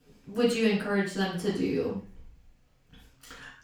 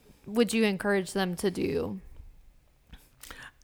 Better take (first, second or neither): second